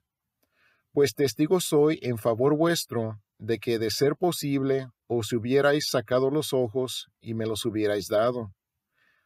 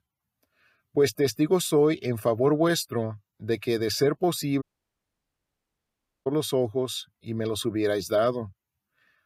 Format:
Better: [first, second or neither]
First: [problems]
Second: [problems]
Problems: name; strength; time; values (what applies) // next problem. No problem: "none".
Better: first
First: none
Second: audio cutting out; at 4.5 s for 1.5 s